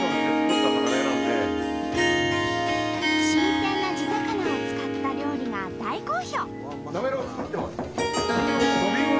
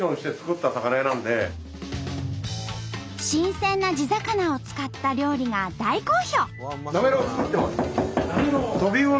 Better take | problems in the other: second | background sound (Harp); 5 dB above the speech

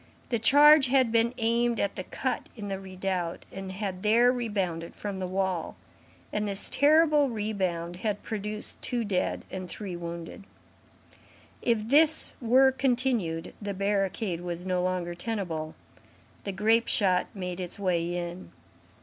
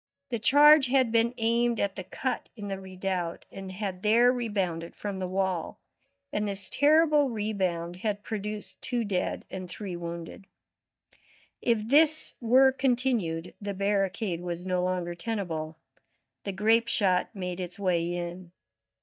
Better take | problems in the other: first | noise reduction (neural mask model DeepFilterNet 3)

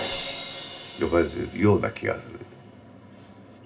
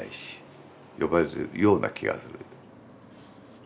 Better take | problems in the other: second | background sound (Crash cymbal); 13 dB below the speech // room echo; dies away in 0.4 s

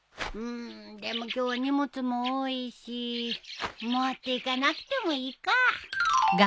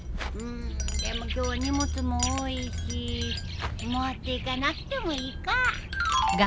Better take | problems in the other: first | background sound (Wind chime); 2 dB below the speech

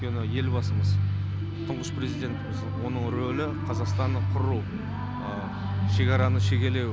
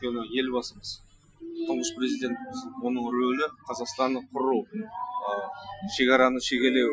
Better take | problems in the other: first | noise reduction (classical method Wiener filter)

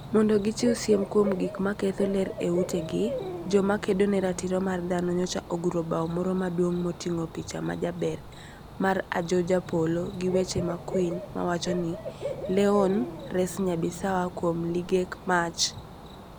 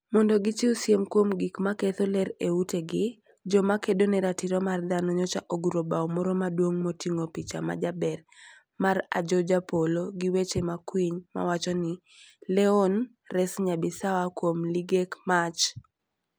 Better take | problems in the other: second | background sound (Cricket / Bird); 11 dB below the speech

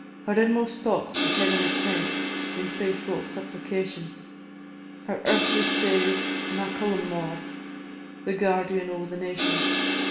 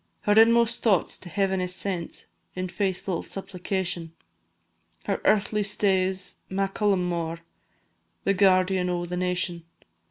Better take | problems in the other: second | background sound (Crash cymbal); 1 dB below the speech // room echo; dies away in 1 s

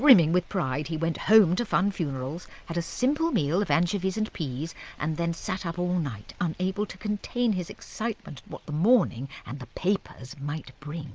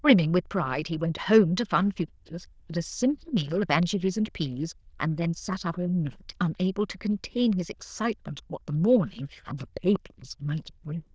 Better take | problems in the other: first | noise reduction (neural diffusion model UNIVERSE++)

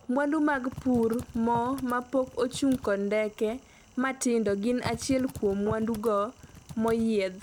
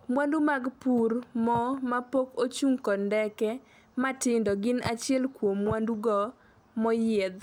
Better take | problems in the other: second | background sound (Typing); 19 dB below the speech

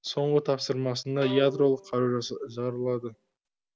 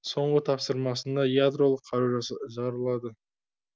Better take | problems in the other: second | background sound (Bowed string instrument); 14 dB below the speech

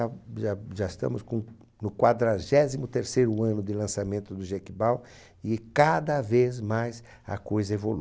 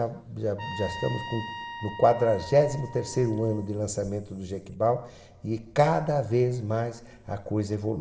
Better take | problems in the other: first | background sound (Trumpet); 13 dB below the speech // room echo; dies away in 2.7 s

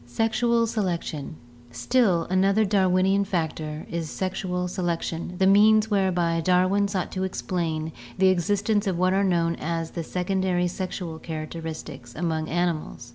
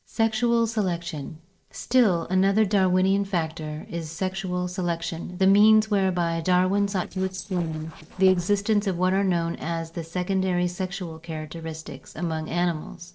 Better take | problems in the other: first | noise reduction (neural separator model SepFormer DNS4)

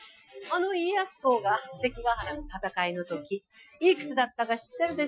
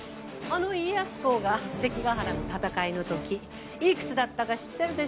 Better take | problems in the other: second | noise reduction (classical method Wiener filter)

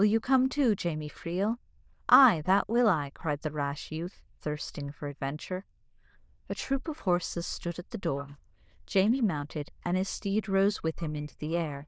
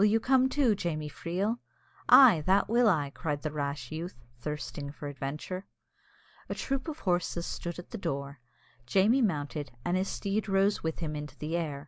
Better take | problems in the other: second | noise reduction (neural diffusion model UNIVERSE++)

